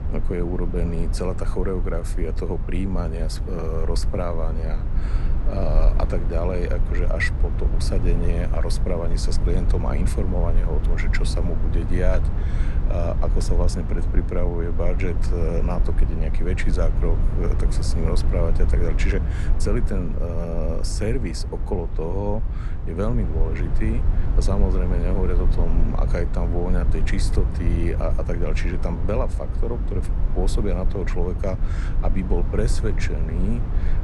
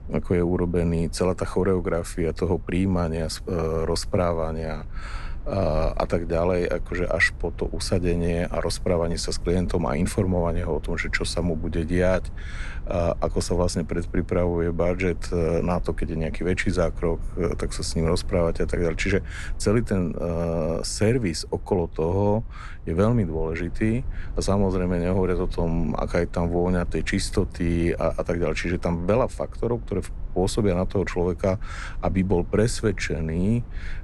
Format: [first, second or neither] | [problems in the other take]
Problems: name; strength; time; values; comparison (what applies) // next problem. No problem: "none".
second | low rumble; loud; throughout; 9 dB below the speech; faint in the second